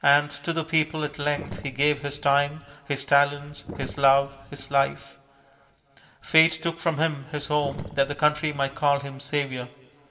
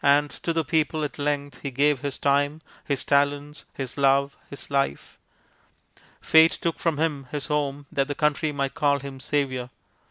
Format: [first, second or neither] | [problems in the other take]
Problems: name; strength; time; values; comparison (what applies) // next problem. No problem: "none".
second | background sound (Sink (filling or washing)); 15 dB below the speech // room echo; dies away in 3 s